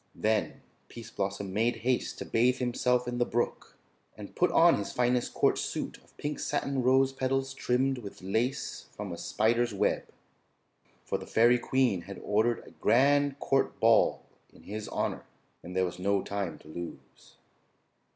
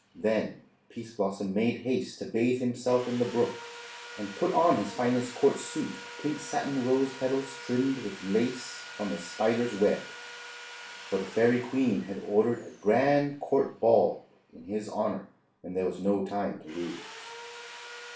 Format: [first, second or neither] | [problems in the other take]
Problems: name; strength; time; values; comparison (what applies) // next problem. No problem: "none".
first | background sound (Sawing); 17 dB below the speech // room echo; dies away in 0.3 s